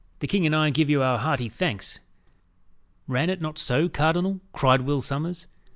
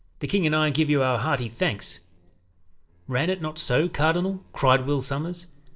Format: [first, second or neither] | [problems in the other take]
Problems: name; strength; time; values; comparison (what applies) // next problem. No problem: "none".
first | noise reduction (neural separator model SepFormer DNS4)